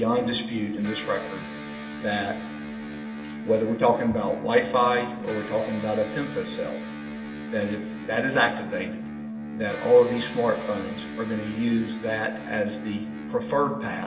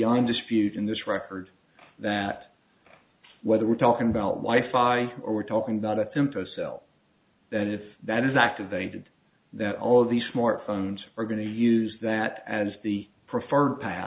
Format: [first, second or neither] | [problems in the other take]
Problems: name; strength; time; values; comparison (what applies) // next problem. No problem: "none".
second | background sound (Electric guitar); 9 dB below the speech // room echo; dies away in 1.2 s